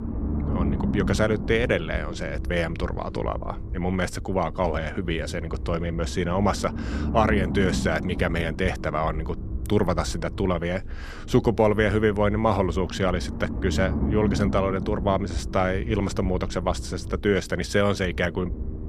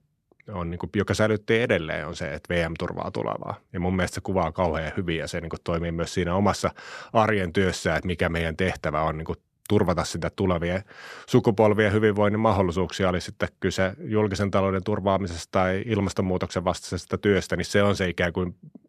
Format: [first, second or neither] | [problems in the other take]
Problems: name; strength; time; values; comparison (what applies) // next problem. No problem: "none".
second | low rumble; noticeable; throughout; 15 dB below the speech